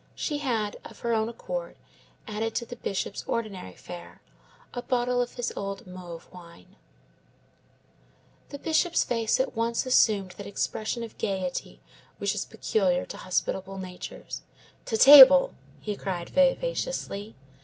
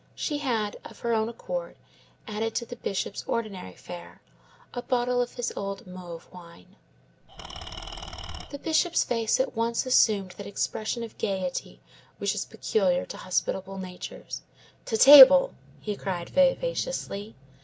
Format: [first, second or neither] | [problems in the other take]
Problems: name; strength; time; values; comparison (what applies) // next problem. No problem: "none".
first | background sound (Engine / Tools); 11 dB below the speech